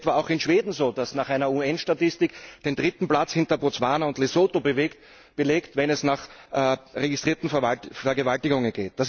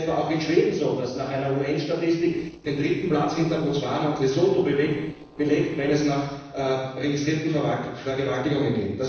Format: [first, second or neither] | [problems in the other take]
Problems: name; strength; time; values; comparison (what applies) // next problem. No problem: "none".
first | noise reduction (neural separator model SepFormer DNS4)